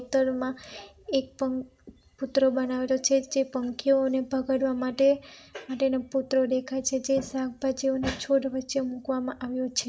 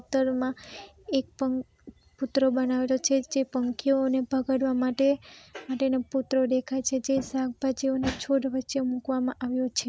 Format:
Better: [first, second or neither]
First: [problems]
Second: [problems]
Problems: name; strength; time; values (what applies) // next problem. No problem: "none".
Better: second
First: room echo; dies away in 0.3 s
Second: none